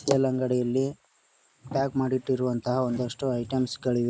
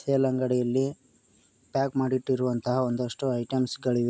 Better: second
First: noise reduction (neural mask model Resemble Enhance denoiser)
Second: none

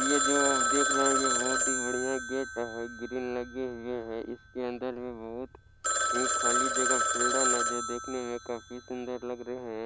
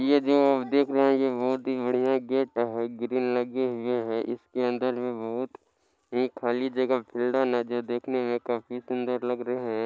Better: second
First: background sound (Telephone); 3 dB above the speech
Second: none

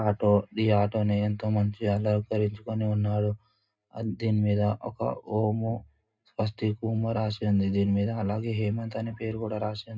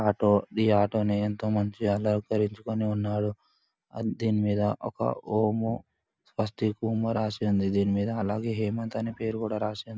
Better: second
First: room echo; dies away in 0.2 s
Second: none

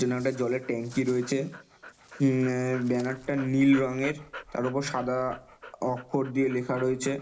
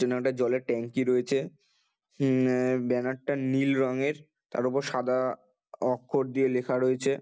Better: second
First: background sound (Dog); 19 dB below the speech // room echo; dies away in 0.4 s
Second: none

